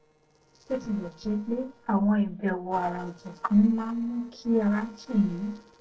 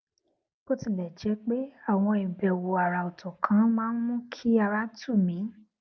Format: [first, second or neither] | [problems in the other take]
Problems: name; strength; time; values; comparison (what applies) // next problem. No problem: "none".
second | noise reduction (neural separator model SepFormer DNS4)